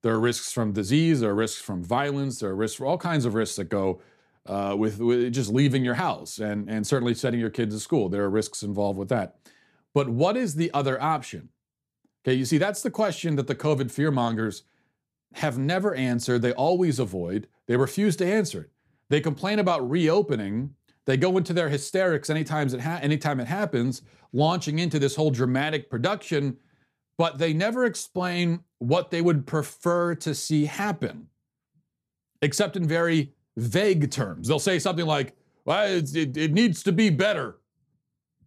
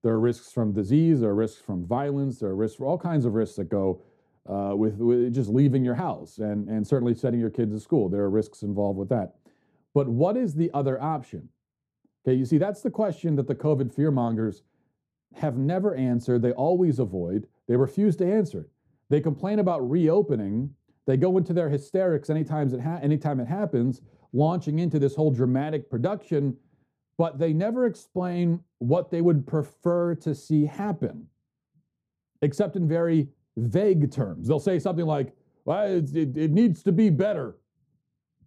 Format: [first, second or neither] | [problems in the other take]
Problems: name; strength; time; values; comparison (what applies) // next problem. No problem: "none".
first | muffled; slightly; fading above 1 kHz